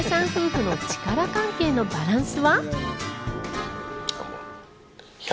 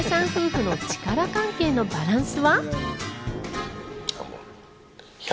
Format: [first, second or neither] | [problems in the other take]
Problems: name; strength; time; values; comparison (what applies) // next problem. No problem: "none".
second | background sound (Wind instrument, woodwind instrument); 14 dB below the speech